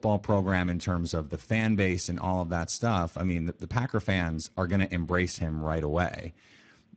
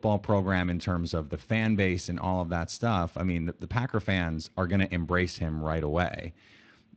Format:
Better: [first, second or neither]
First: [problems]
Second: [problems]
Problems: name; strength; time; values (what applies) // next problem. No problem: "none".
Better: second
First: garbled, watery; badly; nothing above 8 kHz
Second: garbled, watery; slightly; nothing above 8 kHz